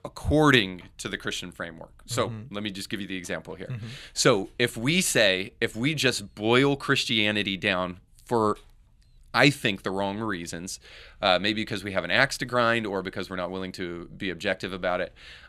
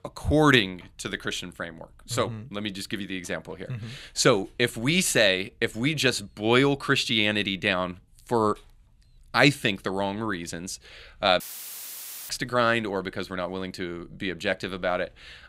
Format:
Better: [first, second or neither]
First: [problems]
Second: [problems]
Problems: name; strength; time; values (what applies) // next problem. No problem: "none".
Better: first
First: none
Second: audio cutting out; filled with static; at 11 s for 1 s